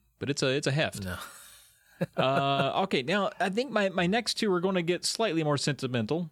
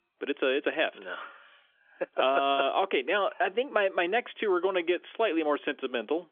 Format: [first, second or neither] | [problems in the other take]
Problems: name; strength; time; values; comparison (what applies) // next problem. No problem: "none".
first | phone-call audio; nothing above 3.5 kHz